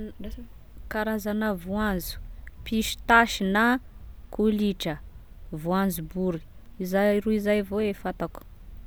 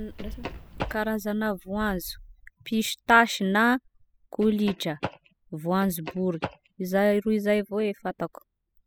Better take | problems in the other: first | noise reduction (classical method spectral subtraction)

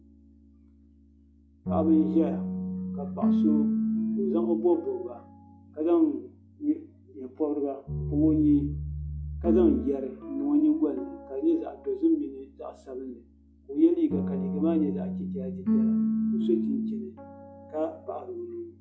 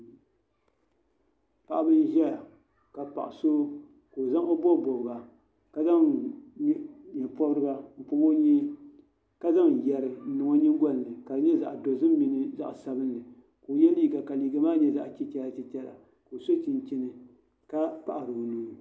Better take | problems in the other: second | noise reduction (classical method log-MMSE)

